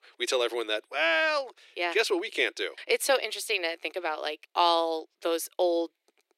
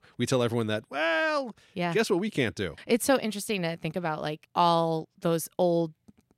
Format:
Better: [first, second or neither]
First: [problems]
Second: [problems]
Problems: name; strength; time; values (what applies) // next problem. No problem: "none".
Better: second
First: thin; very; fading below 350 Hz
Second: none